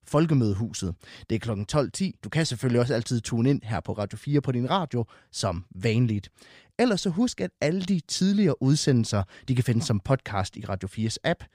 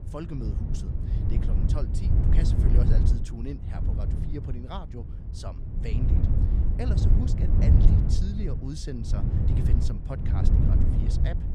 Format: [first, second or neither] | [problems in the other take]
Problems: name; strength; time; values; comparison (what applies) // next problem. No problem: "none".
first | wind noise on the microphone; heavy; 3 dB above the speech